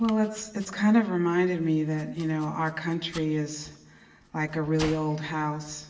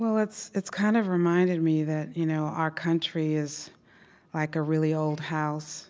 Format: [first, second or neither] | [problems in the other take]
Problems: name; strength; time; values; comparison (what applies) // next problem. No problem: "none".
second | background sound (Domestic sounds, home sounds); 19 dB below the speech // room echo; dies away in 0.9 s